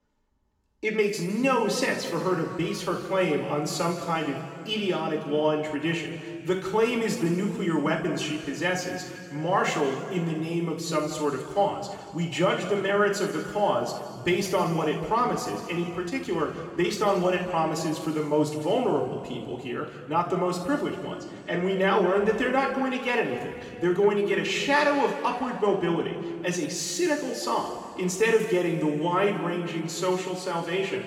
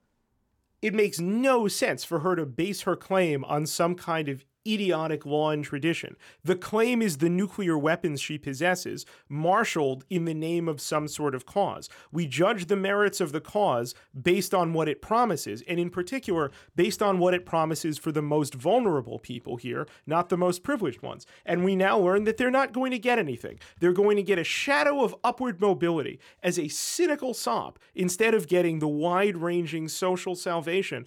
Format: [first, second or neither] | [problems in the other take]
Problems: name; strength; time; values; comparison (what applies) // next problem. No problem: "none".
second | room echo; noticeable; dies away in 2.1 s // off-mic speech; far